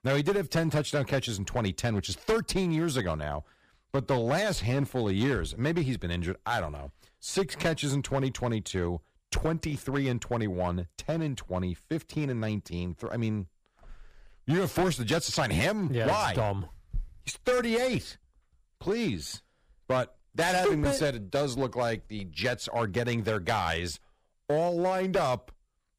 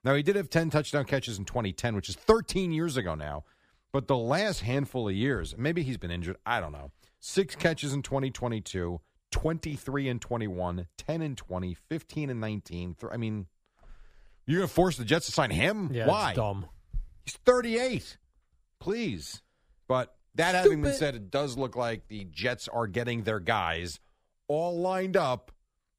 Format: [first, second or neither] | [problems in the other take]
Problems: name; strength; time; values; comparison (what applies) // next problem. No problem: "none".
second | distortion; heavy; 7% of the sound clipped